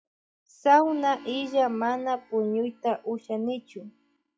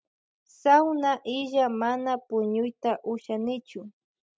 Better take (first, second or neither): second